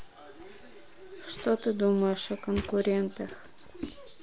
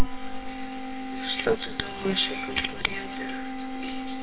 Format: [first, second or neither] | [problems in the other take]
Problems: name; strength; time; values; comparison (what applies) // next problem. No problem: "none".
first | noise reduction (neural separator model SepFormer WHAMR!)